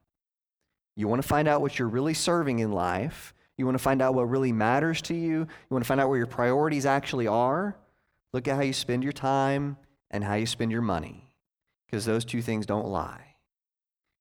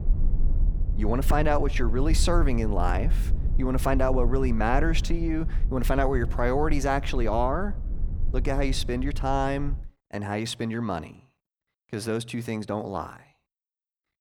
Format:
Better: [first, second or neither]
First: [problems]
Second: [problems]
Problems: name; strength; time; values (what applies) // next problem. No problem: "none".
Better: first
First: none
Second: low rumble; noticeable; until 10 s; 20 dB below the speech